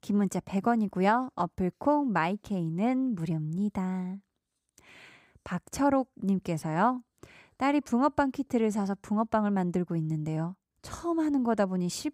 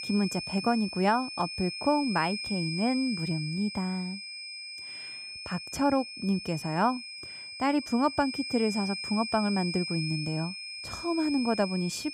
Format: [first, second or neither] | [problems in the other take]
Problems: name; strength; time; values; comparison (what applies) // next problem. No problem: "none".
first | high-pitched whine; loud; throughout; 5 kHz, 7 dB below the speech